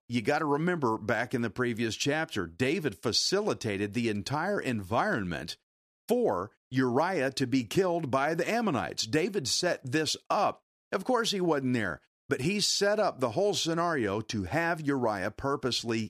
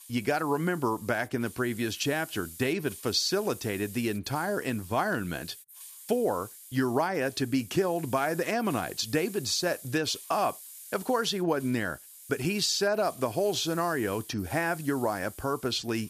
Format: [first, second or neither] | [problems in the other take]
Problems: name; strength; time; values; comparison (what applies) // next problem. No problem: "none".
first | hiss; noticeable; throughout; 15 dB below the speech